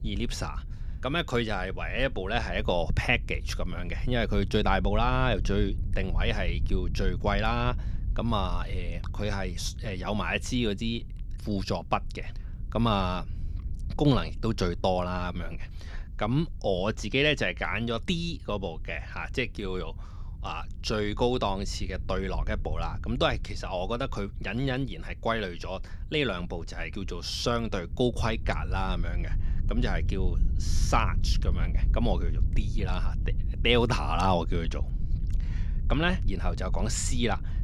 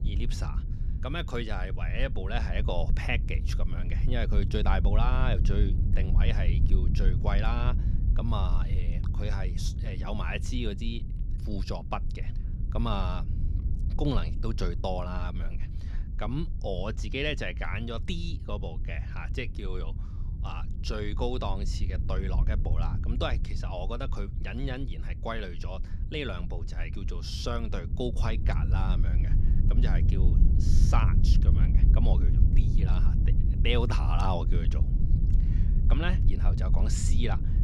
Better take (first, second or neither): first